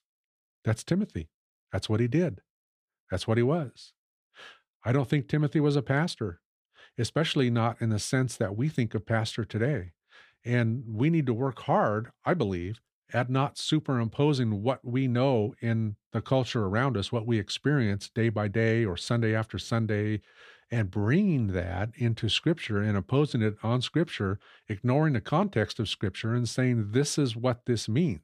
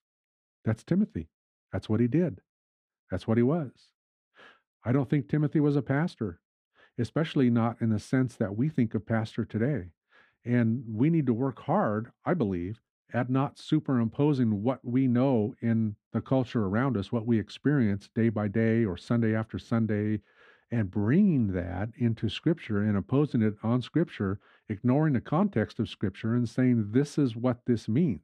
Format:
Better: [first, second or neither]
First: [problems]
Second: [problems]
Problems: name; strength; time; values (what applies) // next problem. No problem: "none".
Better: first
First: none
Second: muffled; slightly; fading above 3 kHz